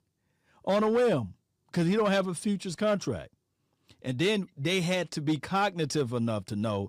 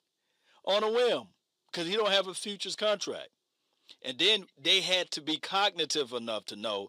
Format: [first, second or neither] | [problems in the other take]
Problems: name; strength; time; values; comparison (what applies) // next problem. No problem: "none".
first | thin; somewhat; fading below 450 Hz